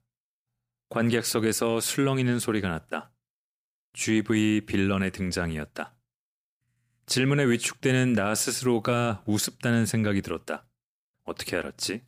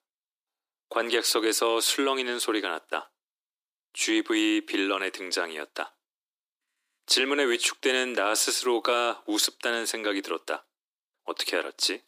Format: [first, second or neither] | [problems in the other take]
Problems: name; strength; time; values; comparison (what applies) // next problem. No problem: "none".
first | thin; somewhat; fading below 300 Hz